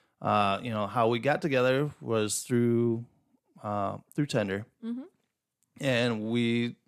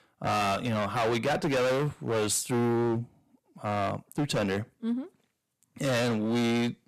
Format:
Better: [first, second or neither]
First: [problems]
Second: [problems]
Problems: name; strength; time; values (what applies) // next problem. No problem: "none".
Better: first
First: none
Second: distortion; heavy; 19% of the sound clipped